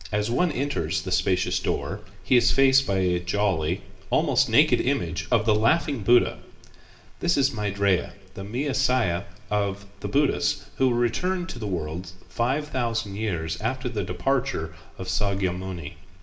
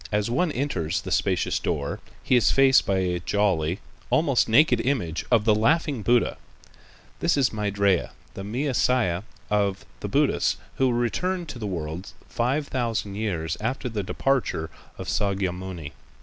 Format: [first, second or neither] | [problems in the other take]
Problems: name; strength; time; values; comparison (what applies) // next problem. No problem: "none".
second | room echo; dies away in 0.6 s